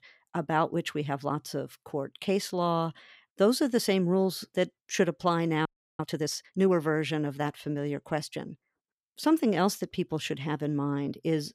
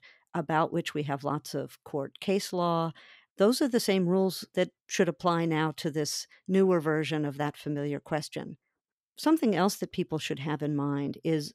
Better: second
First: audio freezing; at 5.5 s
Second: none

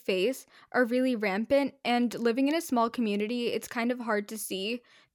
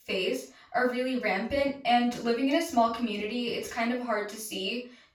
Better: first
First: none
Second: room echo; noticeable; dies away in 0.3 s // off-mic speech; far

